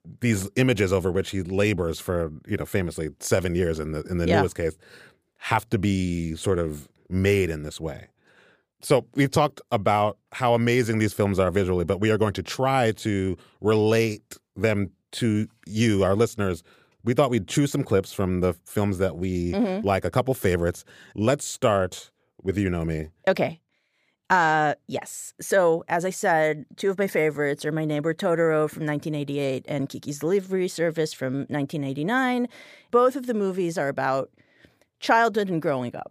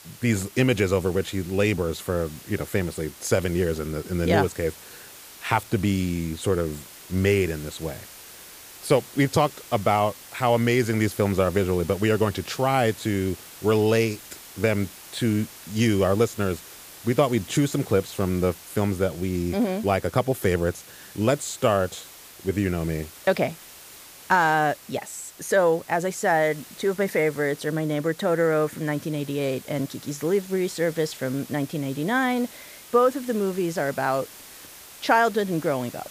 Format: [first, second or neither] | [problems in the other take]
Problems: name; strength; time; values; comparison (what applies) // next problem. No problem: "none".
first | hiss; noticeable; throughout; 20 dB below the speech